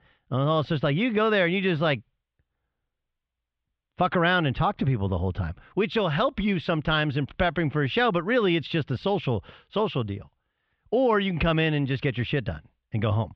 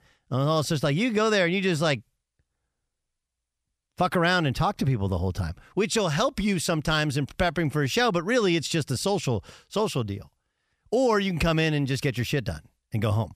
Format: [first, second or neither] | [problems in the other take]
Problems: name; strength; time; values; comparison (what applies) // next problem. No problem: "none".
second | muffled; very; fading above 3.5 kHz